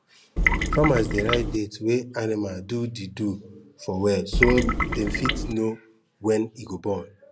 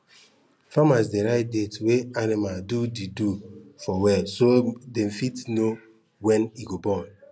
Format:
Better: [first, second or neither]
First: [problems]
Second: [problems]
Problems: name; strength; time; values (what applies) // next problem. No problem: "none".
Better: second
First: background sound (Trickle, dribble / Water tap, faucet); 2 dB above the speech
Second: none